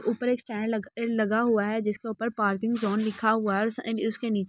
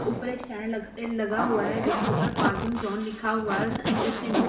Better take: first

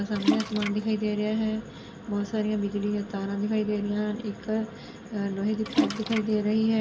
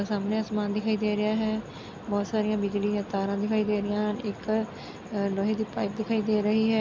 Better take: second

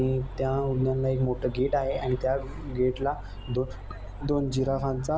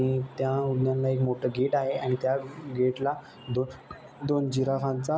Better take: second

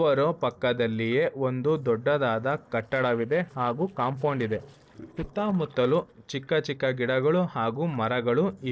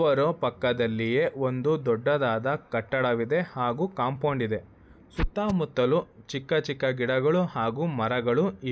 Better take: second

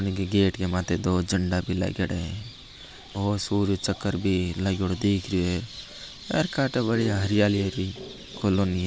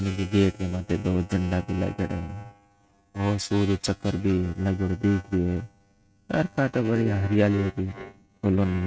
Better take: first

